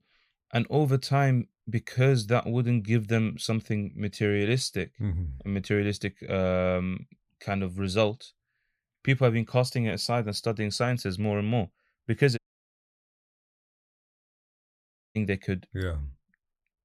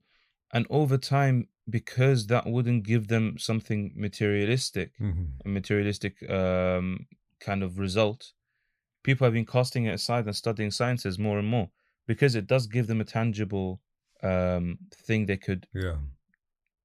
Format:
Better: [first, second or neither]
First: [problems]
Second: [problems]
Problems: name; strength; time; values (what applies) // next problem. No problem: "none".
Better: second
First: audio cutting out; at 12 s for 3 s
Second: none